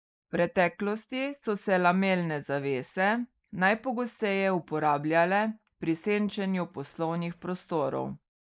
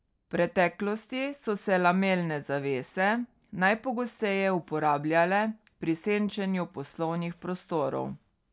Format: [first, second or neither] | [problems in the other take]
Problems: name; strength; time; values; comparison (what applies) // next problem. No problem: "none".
second | noise reduction (neural mask model Resemble Enhance denoiser)